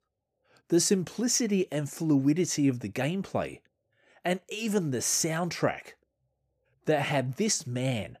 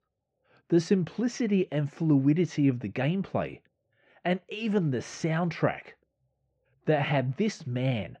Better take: first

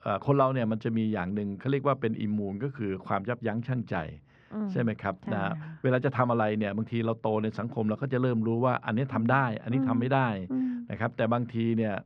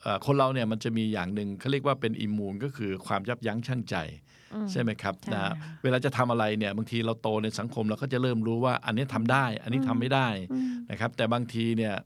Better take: second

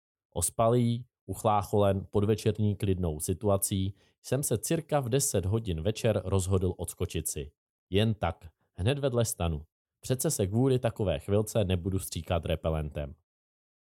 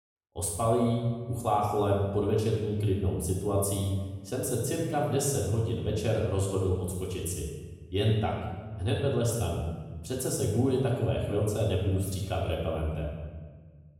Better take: first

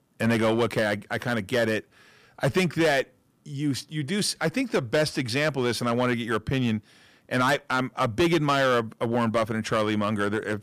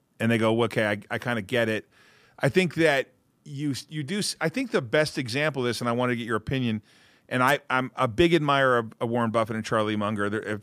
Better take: second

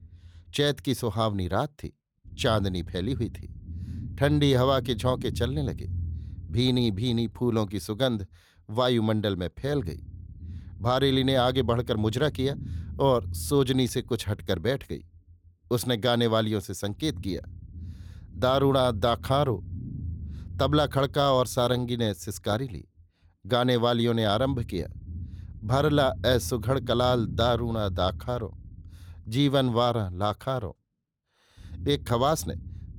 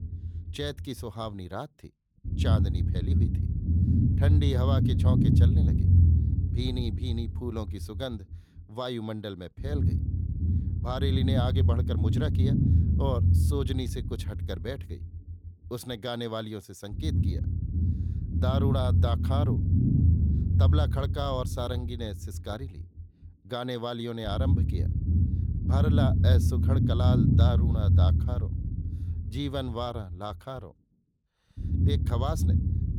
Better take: first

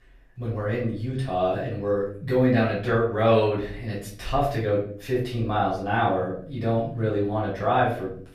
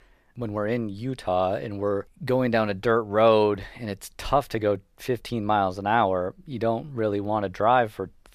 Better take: second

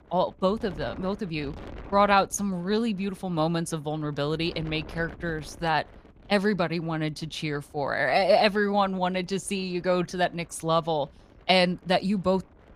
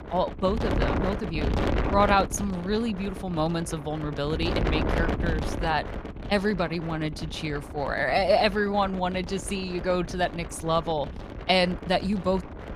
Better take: first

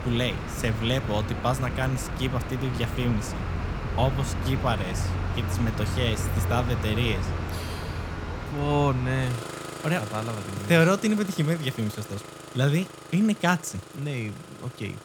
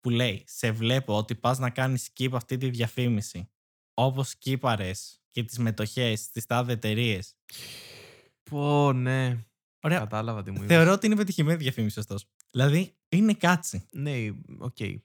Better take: second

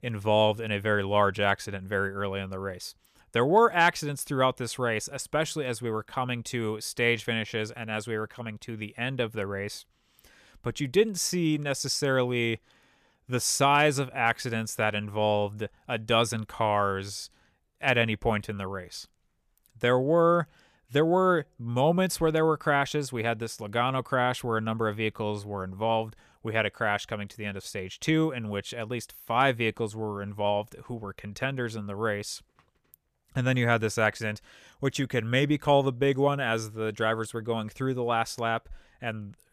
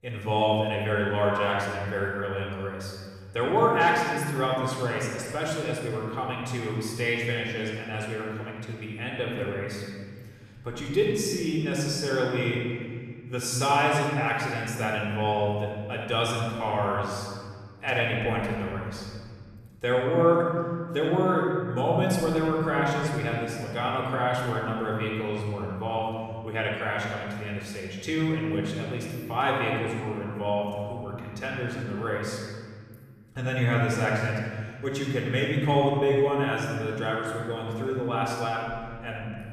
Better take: first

